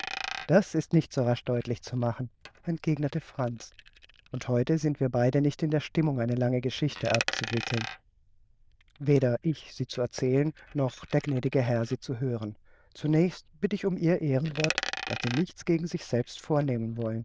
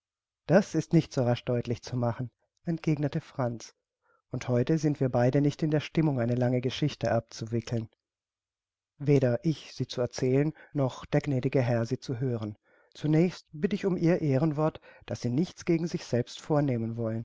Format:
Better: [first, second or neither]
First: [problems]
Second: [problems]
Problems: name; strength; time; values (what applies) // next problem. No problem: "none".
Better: second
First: noise reduction (neural diffusion model UNIVERSE++)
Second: none